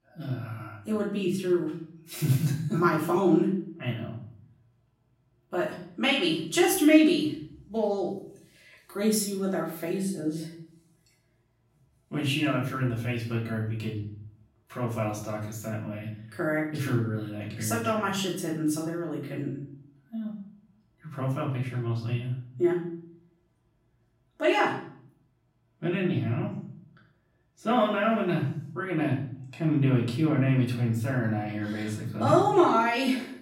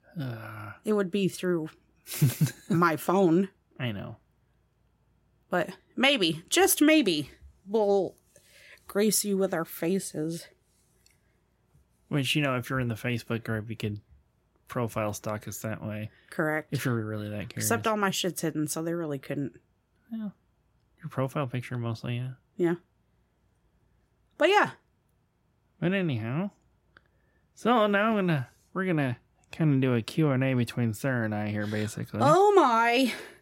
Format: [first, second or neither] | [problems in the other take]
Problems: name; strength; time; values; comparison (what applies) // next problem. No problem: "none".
second | off-mic speech; far // room echo; noticeable; dies away in 0.6 s